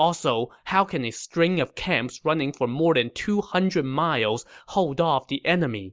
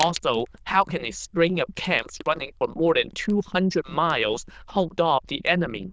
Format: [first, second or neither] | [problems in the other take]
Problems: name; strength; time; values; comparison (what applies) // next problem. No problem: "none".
first | noise reduction (neural diffusion model UNIVERSE++)